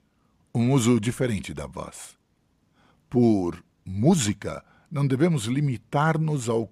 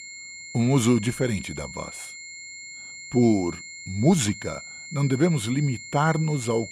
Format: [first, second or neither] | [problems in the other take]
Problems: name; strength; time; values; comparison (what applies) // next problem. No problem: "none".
first | high-pitched whine; noticeable; throughout; 2 kHz, 15 dB below the speech